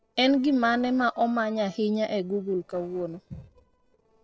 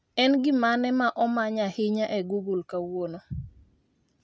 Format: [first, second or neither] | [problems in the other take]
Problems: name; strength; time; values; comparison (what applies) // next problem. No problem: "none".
second | noise reduction (neural separator model SepFormer DNS4)